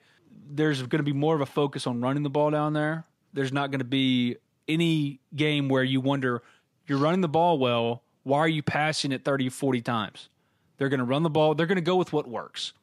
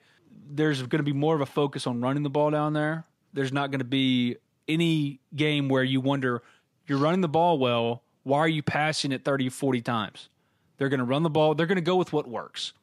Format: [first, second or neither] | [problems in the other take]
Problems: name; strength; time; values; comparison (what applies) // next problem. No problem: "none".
neither | none